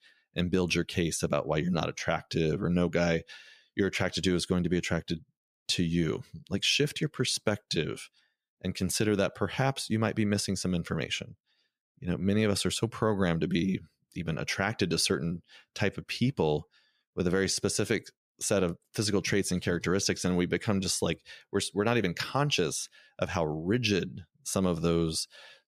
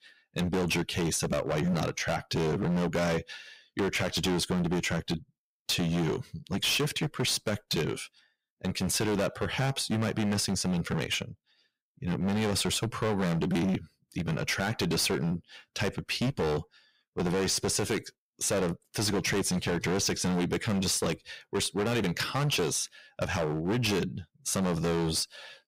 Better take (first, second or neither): first